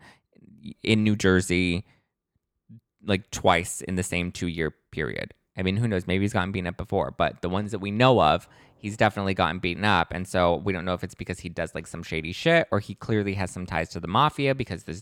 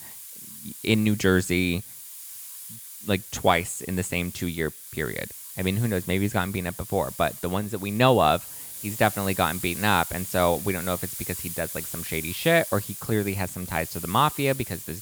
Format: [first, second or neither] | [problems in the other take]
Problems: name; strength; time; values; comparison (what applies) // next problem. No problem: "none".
first | hiss; loud; throughout; 10 dB below the speech